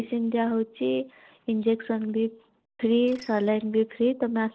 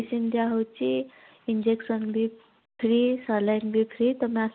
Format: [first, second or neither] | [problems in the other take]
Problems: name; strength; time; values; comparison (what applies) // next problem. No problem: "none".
second | noise reduction (neural separator model SepFormer DNS4)